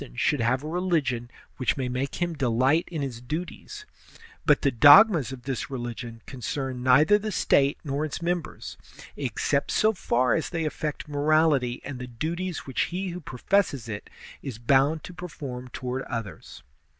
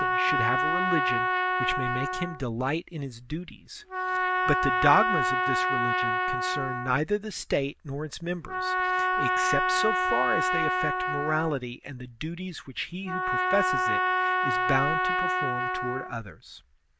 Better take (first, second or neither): first